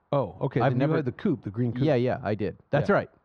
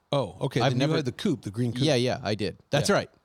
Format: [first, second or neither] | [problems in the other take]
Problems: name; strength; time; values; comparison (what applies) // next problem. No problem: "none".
second | muffled; very; fading above 1.5 kHz